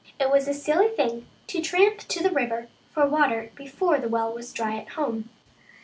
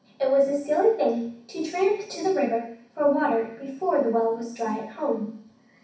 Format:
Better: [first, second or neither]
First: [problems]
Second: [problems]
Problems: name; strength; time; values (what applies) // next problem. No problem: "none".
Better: first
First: none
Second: room echo; dies away in 0.6 s